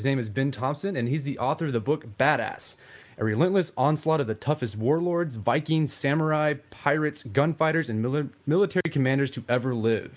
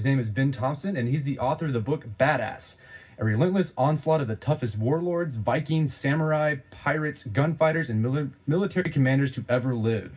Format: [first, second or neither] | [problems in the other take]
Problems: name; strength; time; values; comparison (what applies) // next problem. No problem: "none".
first | room echo; dies away in 0.4 s